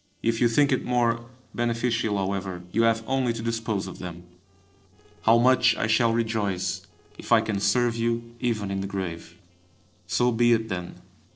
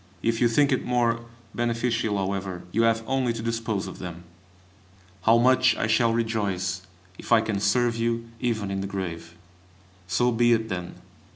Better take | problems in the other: second | noise reduction (neural separator model SepFormer DNS4)

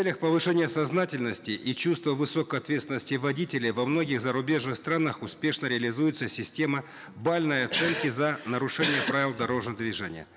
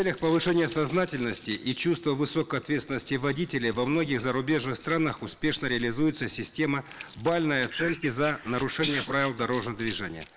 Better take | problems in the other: first | noise reduction (neural mask model Resemble Enhance denoiser)

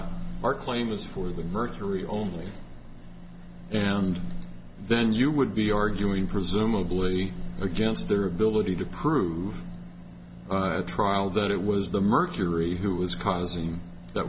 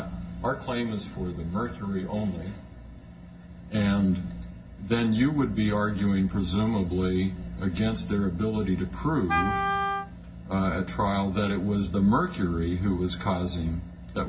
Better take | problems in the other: first | background sound (Wind instrument, woodwind instrument); 3 dB below the speech // room echo; dies away in 0.4 s

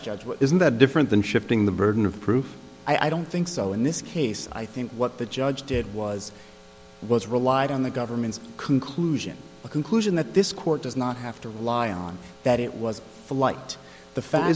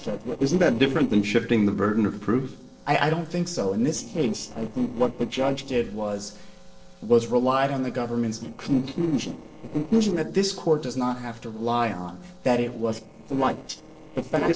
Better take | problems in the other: first | noise reduction (neural separator model SepFormer DNS4)

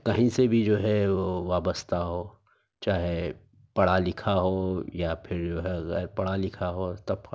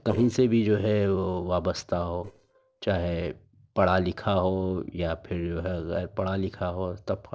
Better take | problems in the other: first | noise reduction (neural separator model SepFormer DNS4)

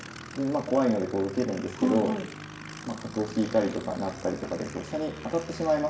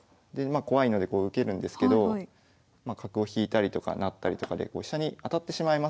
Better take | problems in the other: second | background sound (Aircraft); 13 dB below the speech // room echo; dies away in 0.8 s

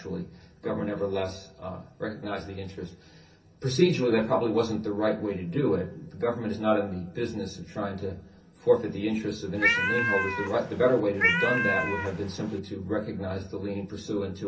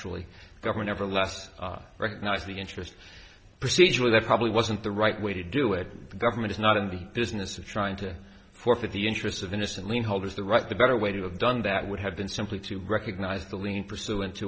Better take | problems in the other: second | background sound (Cat); 1 dB above the speech // room echo; dies away in 0.3 s

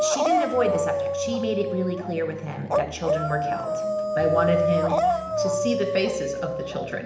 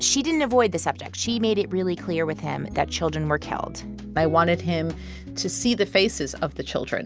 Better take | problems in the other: second | background sound (Dog); 2 dB above the speech // room echo; dies away in 0.8 s

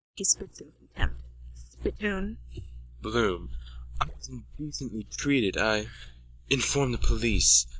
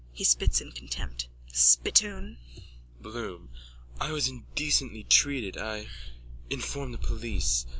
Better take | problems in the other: second | noise reduction (neural mask model DeepFilterNet 3)

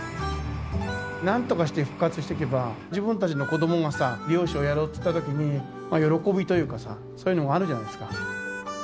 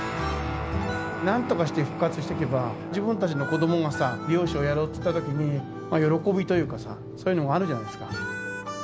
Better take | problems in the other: first | background sound (Guitar); 10 dB below the speech

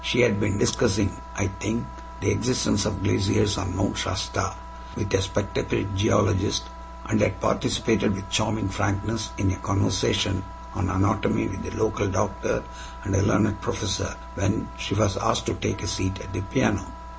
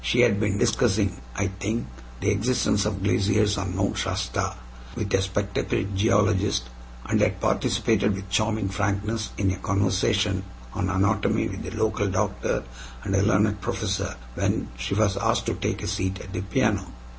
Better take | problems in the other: second | background sound (Wind instrument, woodwind instrument); 18 dB below the speech

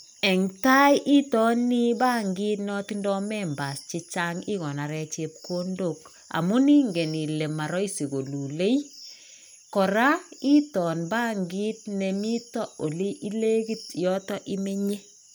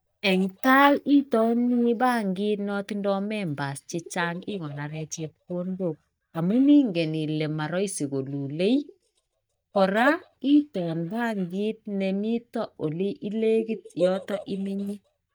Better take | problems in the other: first | noise reduction (neural mask model DeepFilterNet 3)

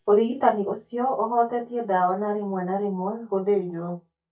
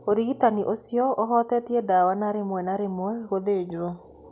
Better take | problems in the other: second | noise reduction (neural mask model DeepFilterNet 3)

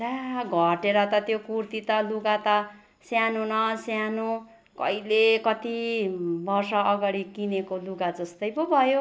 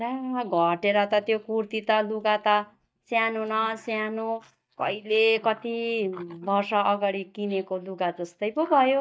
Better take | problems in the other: first | noise reduction (neural mask model DeepFilterNet 3)

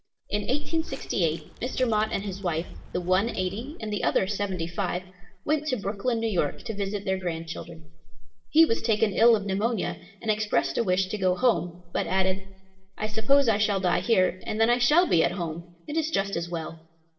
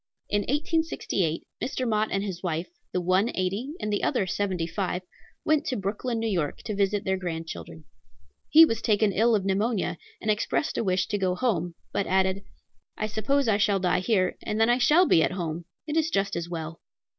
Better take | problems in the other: second | background sound (Walk, footsteps); 18 dB below the speech // room echo; dies away in 0.7 s

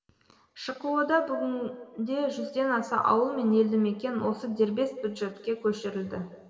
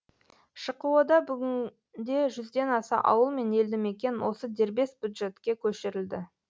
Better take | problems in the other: second | room echo; dies away in 1.7 s

